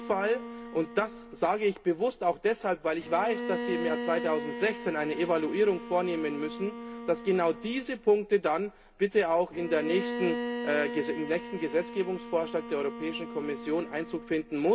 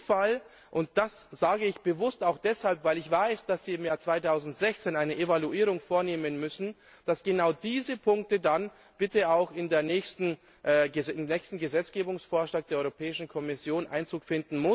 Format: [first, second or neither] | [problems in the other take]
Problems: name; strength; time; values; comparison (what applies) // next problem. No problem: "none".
second | background sound (Bowed string instrument); 9 dB below the speech // room echo; dies away in 0.3 s